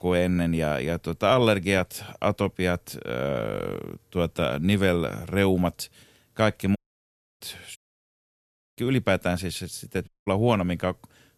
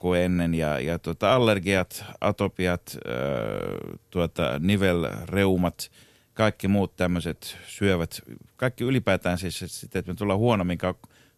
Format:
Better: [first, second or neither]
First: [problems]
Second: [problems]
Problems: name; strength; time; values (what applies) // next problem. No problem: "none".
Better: second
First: audio cutting out; at 7 s for 0.5 s, at 8 s for 1 s and at 10 s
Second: none